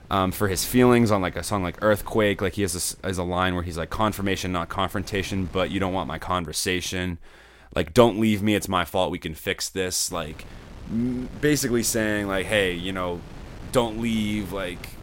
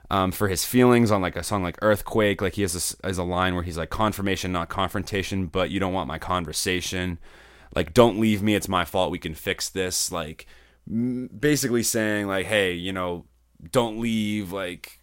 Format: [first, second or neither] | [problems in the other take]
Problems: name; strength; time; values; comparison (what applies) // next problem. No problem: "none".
second | wind noise on the microphone; occasional gusts; until 6 s and from 10 s on; 20 dB below the speech